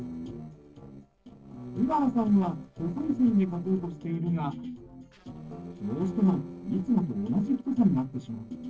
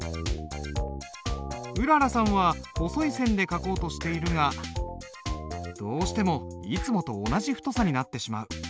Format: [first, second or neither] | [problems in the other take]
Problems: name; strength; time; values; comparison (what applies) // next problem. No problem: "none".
second | noise reduction (neural separator model SepFormer DNS4)